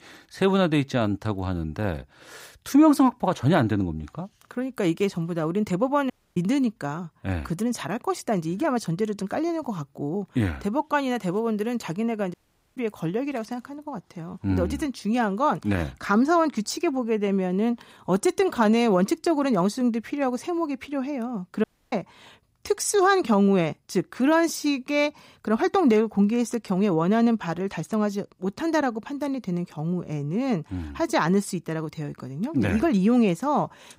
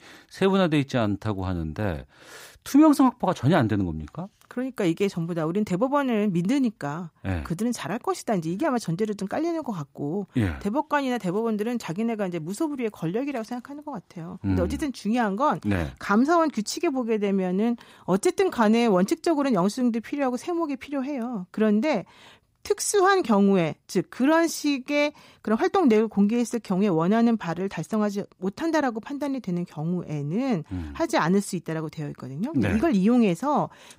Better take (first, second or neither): second